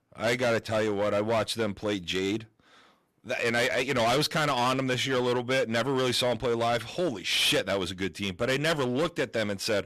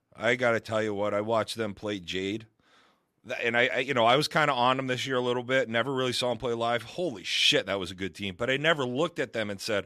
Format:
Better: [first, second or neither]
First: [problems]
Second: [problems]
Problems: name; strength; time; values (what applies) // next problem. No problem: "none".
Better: second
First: distortion; heavy; 14% of the sound clipped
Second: none